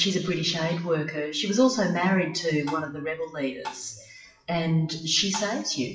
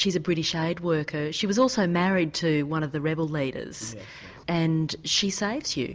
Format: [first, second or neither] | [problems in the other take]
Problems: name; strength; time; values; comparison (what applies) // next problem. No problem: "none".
second | noise reduction (classical method WPE with log-MMSE)